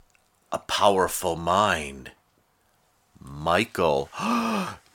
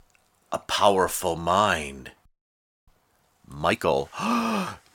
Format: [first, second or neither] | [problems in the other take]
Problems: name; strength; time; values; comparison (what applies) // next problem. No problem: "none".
first | audio freezing; at 2.5 s for 0.5 s